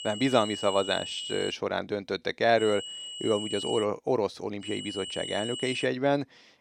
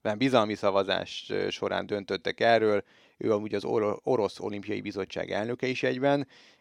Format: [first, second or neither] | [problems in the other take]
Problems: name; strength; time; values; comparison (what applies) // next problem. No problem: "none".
second | high-pitched whine; loud; until 1.5 s, from 2.5 to 4 s and from 4.5 to 6 s; 3 kHz, 8 dB below the speech